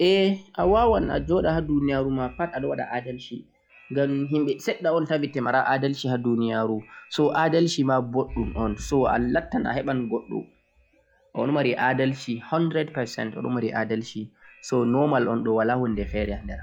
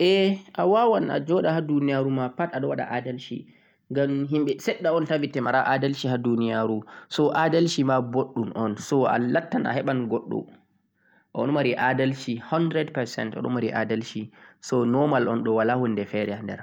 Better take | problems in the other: second | noise reduction (classical method log-MMSE)

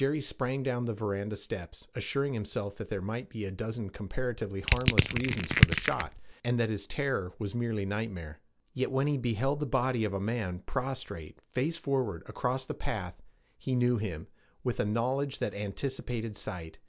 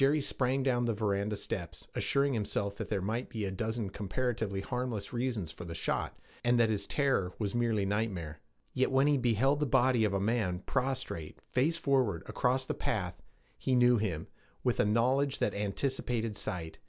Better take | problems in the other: second | background sound (Crushing); 5 dB above the speech

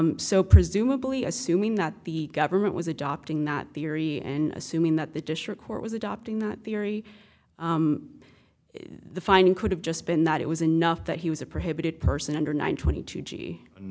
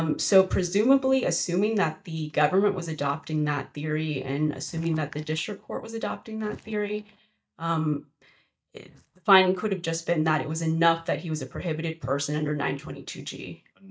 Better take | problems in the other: first | noise reduction (neural mask model DeepFilterNet 3)

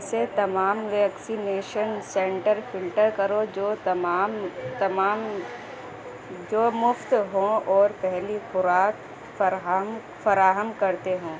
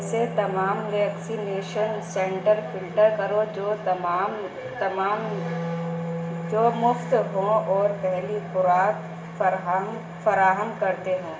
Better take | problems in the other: first | background sound (Wind instrument, woodwind instrument); 11 dB below the speech // room echo; dies away in 0.9 s

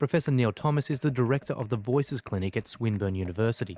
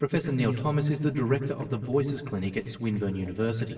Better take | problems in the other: first | room echo; dies away in 1.1 s

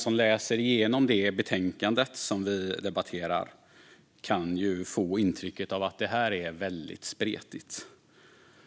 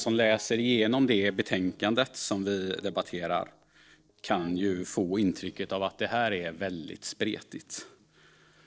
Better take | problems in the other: first | noise reduction (neural separator model SepFormer DNS4)

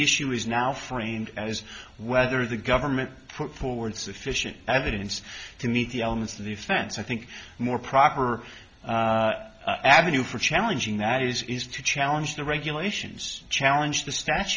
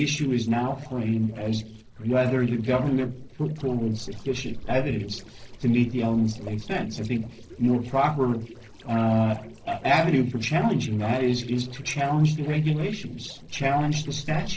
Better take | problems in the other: first | noise reduction (neural separator model SepFormer DNS4)

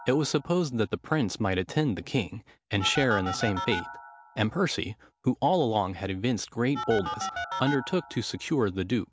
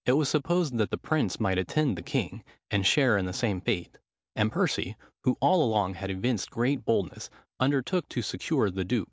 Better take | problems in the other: second | background sound (Telephone); 11 dB below the speech

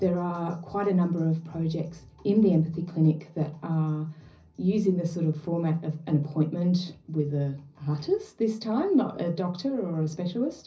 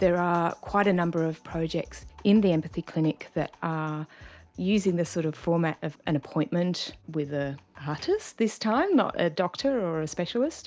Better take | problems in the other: second | room echo; dies away in 0.5 s

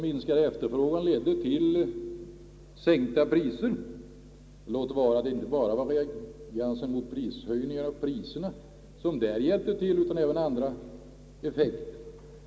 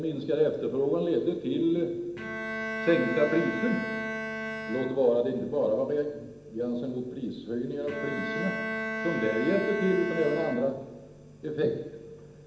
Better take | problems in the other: first | background sound (Bowed string instrument); 8 dB below the speech // room echo; dies away in 0.8 s

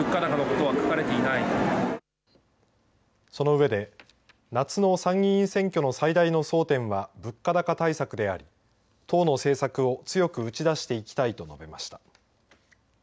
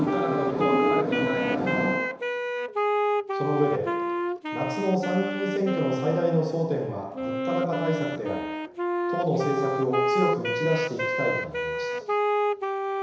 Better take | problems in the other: first | background sound (Wind instrument, woodwind instrument); as loud as the speech // room echo; dies away in 1 s

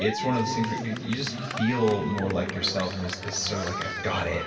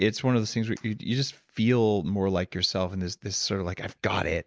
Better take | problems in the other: second | background sound (Cheering); 7 dB below the speech // room echo; dies away in 2.6 s

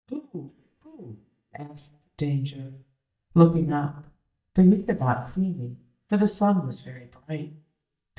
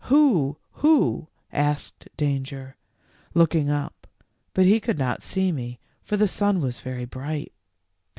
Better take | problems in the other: second | noise reduction (neural mask model DeepFilterNet 3)

